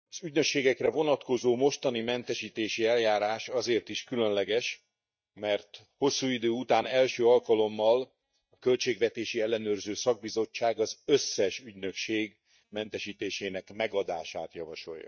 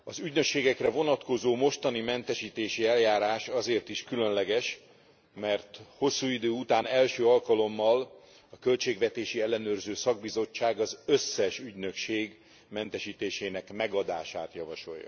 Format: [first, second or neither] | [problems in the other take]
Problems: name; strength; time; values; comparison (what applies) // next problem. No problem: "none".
second | noise reduction (neural mask model DeepFilterNet 3)